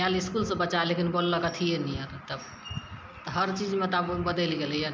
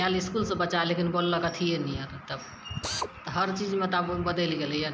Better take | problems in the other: first | background sound (Drill); 16 dB below the speech

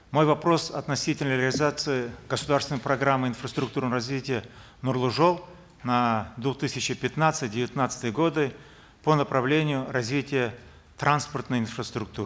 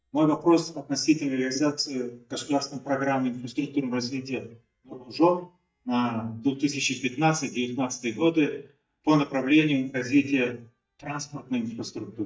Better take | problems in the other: first | noise reduction (neural mask model DeepFilterNet 3)

